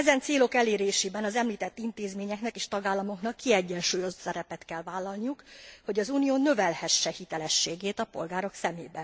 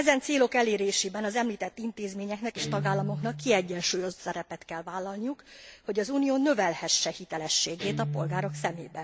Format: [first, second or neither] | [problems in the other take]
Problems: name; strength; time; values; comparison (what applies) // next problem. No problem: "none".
first | background sound (Guitar); 11 dB below the speech